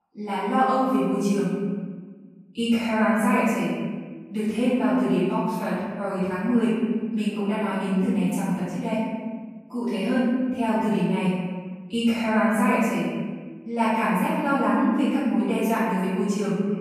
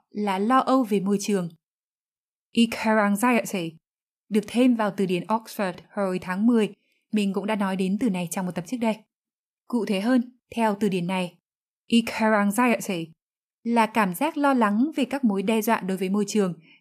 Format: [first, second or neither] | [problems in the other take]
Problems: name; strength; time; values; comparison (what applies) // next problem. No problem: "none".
second | room echo; strong; dies away in 1.6 s // off-mic speech; far